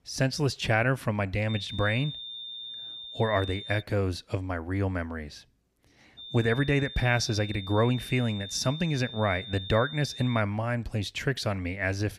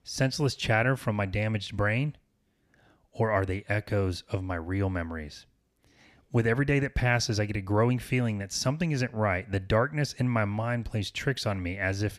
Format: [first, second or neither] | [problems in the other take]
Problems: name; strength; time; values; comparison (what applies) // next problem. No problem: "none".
second | high-pitched whine; noticeable; from 1.5 to 4 s and from 6 to 10 s; 3.5 kHz, 10 dB below the speech